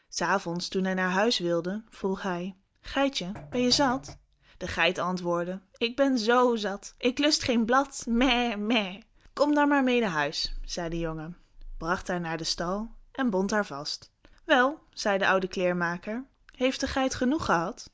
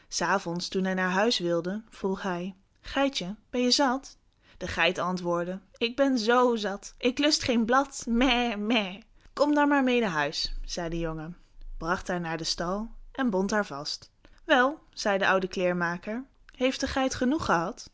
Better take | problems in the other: second | noise reduction (neural mask model DeepFilterNet 3)

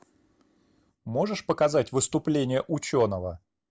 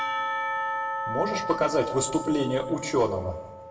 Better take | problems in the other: first | background sound (Church bell / Percussion); 4 dB below the speech // room echo; dies away in 0.8 s

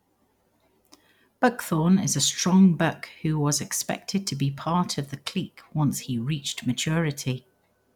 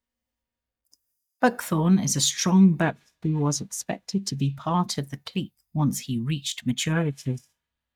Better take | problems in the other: first | noise reduction (neural mask model DeepFilterNet 3)

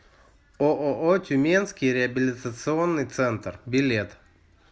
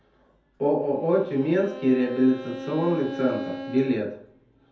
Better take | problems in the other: first | background sound (Bowed string instrument); 12 dB below the speech // room echo; dies away in 0.5 s

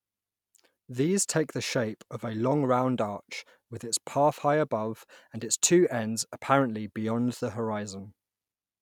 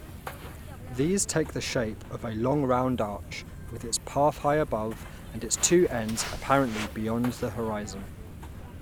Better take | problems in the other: first | background sound (Walk, footsteps); 12 dB below the speech

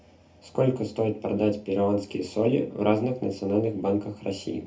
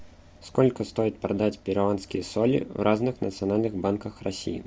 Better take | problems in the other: second | room echo; dies away in 0.3 s

